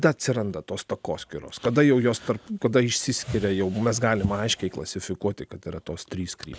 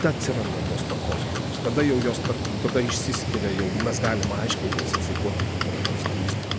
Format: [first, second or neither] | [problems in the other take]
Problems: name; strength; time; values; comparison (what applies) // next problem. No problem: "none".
first | background sound (Livestock, farm animals, working animals); 1 dB above the speech